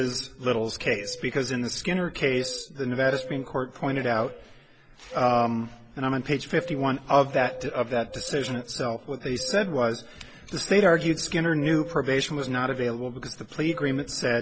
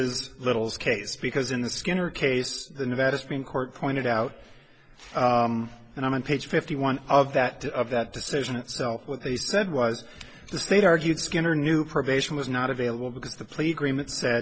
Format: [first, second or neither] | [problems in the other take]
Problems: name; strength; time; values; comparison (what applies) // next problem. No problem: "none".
second | background sound (Bird vocalization, bird call, bird song); 16 dB below the speech